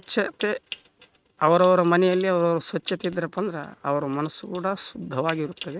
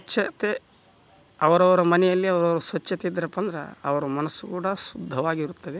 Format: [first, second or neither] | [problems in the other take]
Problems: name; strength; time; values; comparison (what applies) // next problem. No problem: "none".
second | noise reduction (neural mask model RNNoise)